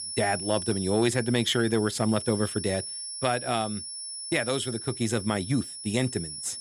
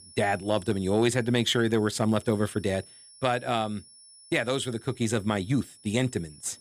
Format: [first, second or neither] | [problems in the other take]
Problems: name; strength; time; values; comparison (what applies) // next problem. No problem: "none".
second | high-pitched whine; loud; throughout; 10 kHz, 7 dB below the speech; faint in the second